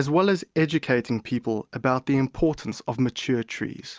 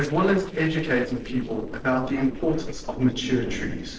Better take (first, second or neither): first